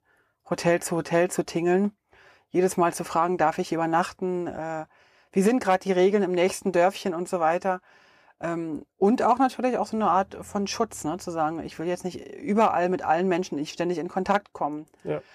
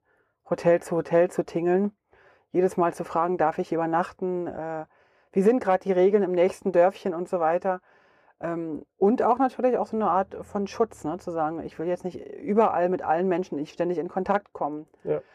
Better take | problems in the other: first | muffled; slightly; fading above 2.5 kHz

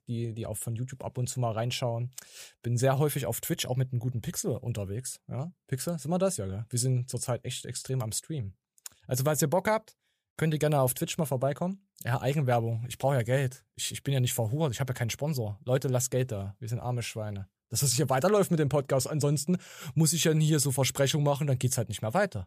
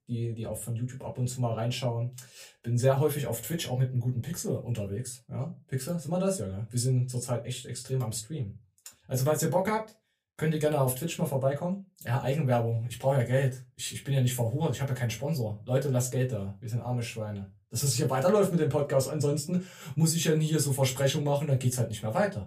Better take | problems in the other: first | off-mic speech; far // room echo; very slight; dies away in 0.2 s

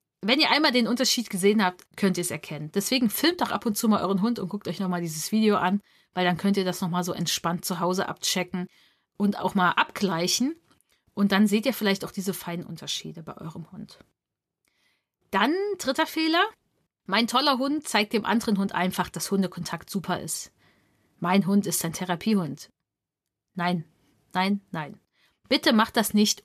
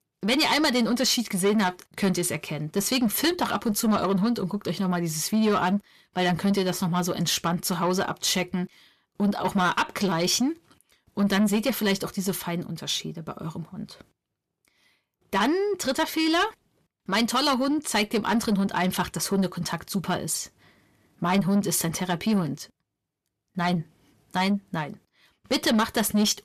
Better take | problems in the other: first | distortion; slight; 10 dB below the speech

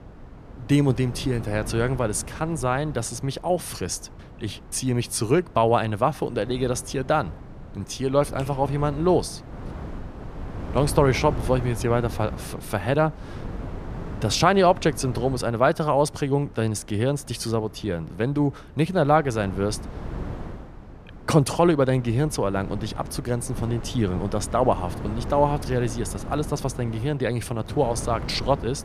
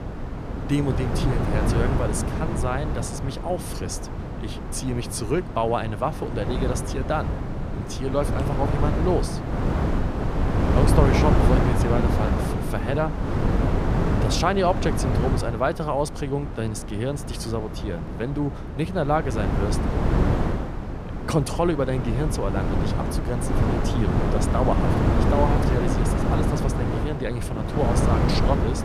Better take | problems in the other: first | wind noise on the microphone; heavy; 2 dB below the speech; occasional gusts in the first

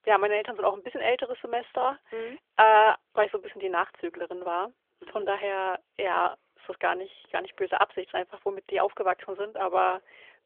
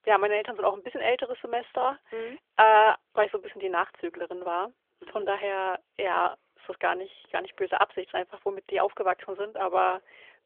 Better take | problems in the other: neither | phone-call audio; the same in both

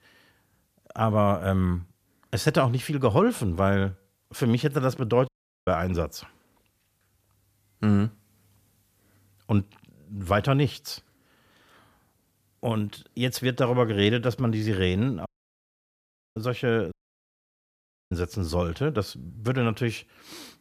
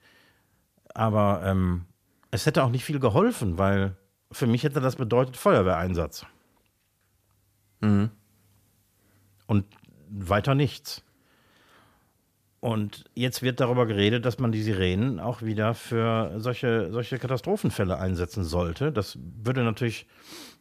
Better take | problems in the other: second | audio cutting out; at 5.5 s, at 15 s for 1 s and at 17 s for 1 s

